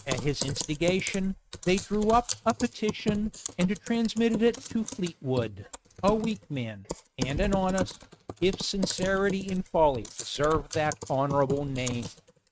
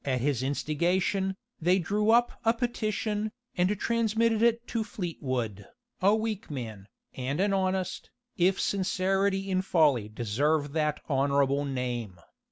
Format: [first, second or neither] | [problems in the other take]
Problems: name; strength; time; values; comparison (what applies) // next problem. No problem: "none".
second | noise reduction (neural mask model RNNoise)